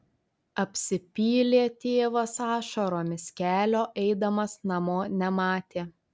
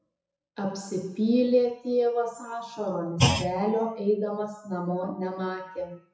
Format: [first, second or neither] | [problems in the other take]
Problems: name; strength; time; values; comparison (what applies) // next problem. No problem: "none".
first | noise reduction (classical method WPE with log-MMSE)